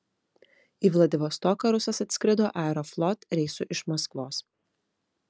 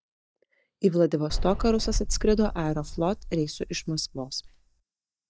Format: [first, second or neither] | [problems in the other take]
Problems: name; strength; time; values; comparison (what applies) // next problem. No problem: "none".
first | noise reduction (neural mask model DeepFilterNet 3)